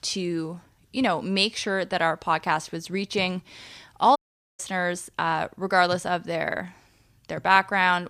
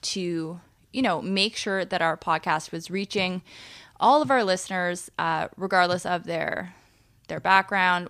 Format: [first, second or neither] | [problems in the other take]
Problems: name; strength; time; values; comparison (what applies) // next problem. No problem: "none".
second | audio cutting out; at 4 s